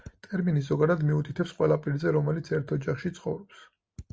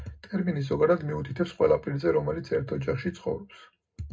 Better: first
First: none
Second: room echo; dies away in 0.2 s

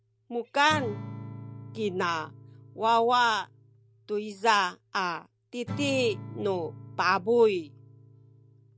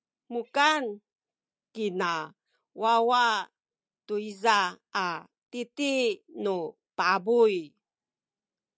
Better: second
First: background sound (Acoustic guitar / Strum); 14 dB below the speech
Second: none

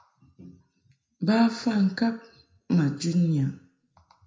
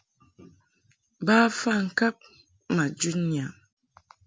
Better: second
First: room echo; dies away in 0.5 s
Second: none

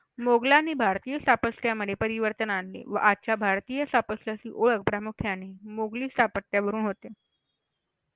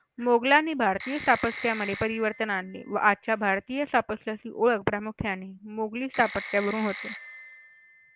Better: first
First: none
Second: background sound (Telephone); 16 dB below the speech

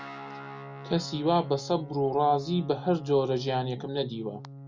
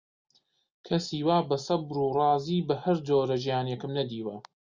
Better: second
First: background sound (Guitar); 14 dB below the speech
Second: none

